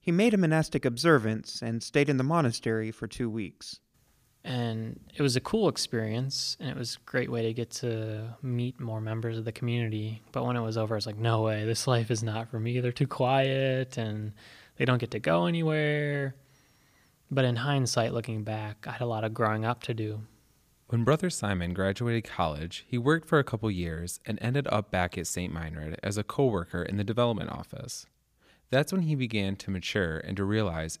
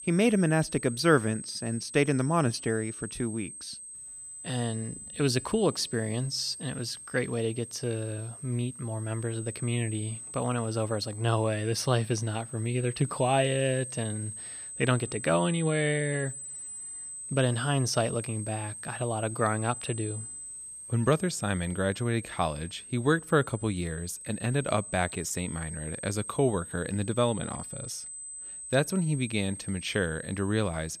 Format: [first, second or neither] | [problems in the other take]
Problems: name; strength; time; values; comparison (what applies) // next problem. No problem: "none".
first | high-pitched whine; noticeable; throughout; 8 kHz, 10 dB below the speech